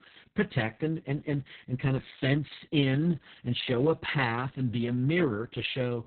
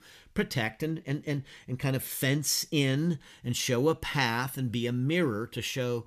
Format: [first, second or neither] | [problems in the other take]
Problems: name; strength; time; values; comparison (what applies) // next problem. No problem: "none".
second | garbled, watery; badly; nothing above 4 kHz